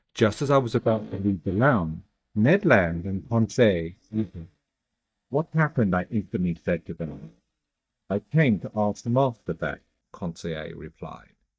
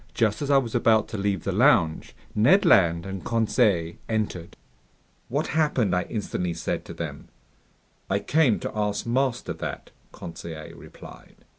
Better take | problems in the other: second | noise reduction (neural mask model DeepFilterNet 3)

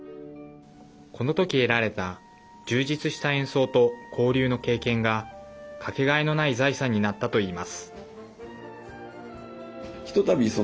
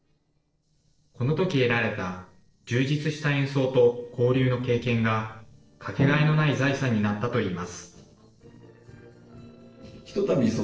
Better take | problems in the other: first | noise reduction (neural separator model SepFormer DNS4)

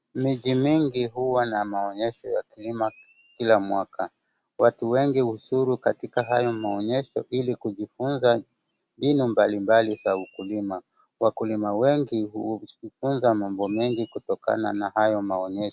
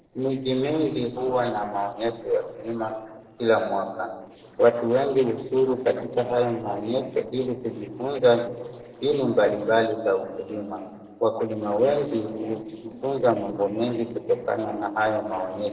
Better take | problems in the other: first | noise reduction (neural separator model SepFormer DNS4)

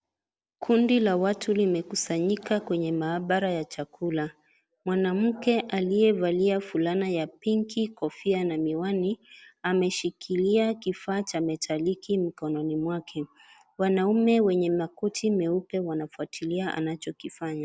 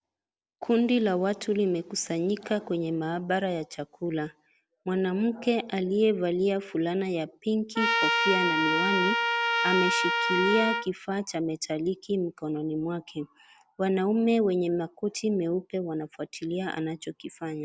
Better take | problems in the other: first | background sound (Trumpet); 1 dB above the speech

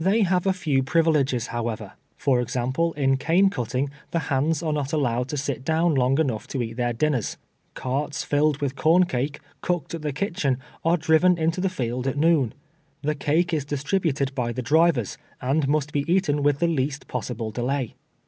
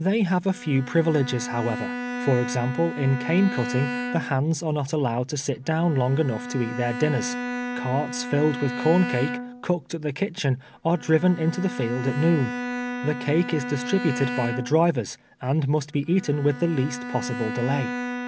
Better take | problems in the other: first | background sound (Bowed string instrument); 8 dB below the speech

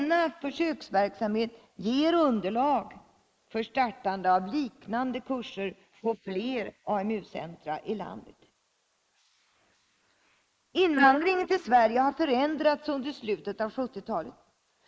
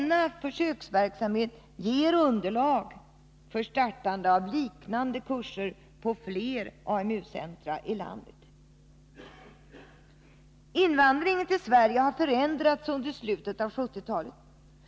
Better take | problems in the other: second | noise reduction (neural mask model Resemble Enhance denoiser)

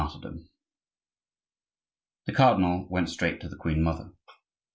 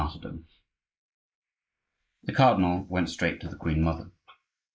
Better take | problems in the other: first | noise reduction (neural mask model Resemble Enhance denoiser)

